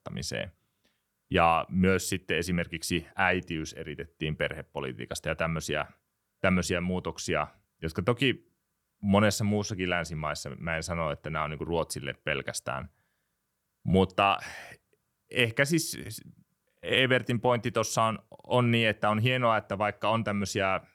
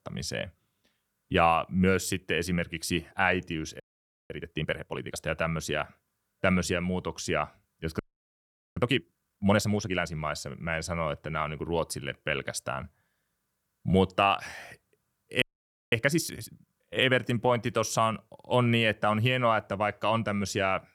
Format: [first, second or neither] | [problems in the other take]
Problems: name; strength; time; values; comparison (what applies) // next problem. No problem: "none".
first | audio freezing; at 4 s for 0.5 s, at 8 s for 1 s and at 15 s for 0.5 s